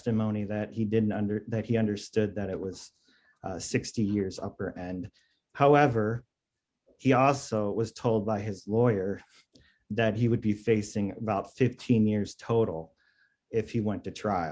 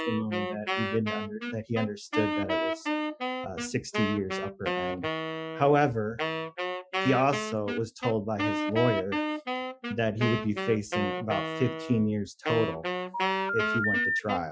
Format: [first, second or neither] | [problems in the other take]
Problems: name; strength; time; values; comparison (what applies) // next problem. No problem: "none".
first | noise reduction (classical method Wiener filter)